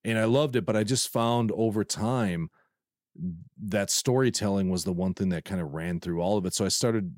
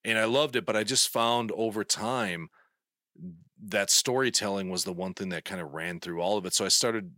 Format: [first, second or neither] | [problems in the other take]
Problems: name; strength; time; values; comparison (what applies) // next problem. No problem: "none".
first | thin; somewhat; fading below 650 Hz